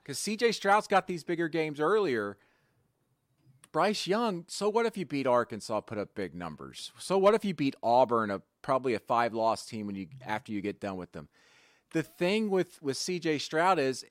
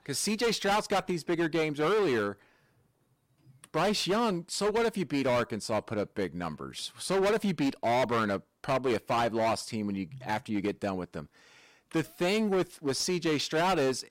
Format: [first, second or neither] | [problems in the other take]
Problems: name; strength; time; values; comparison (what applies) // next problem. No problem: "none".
first | distortion; heavy; 15% of the sound clipped